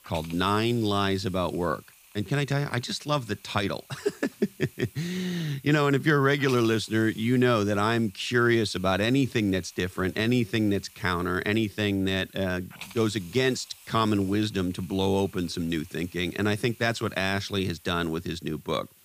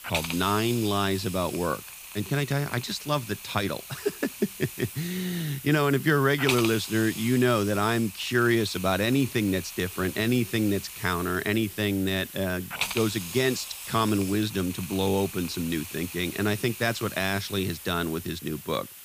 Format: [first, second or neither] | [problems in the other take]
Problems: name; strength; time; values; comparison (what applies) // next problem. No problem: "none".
first | hiss; loud; throughout; 10 dB below the speech; faint in the first